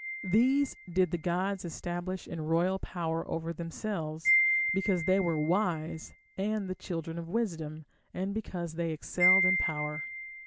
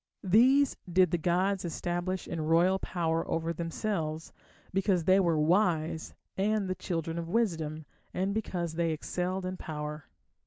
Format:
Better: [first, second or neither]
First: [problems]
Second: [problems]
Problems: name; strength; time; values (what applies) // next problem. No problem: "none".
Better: second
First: background sound (Wind chime); 4 dB below the speech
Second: none